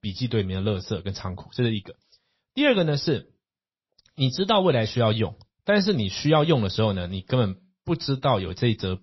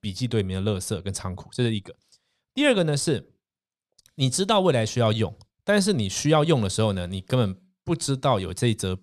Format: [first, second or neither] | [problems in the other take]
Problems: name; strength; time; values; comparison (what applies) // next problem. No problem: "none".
second | garbled, watery; slightly; nothing above 5.5 kHz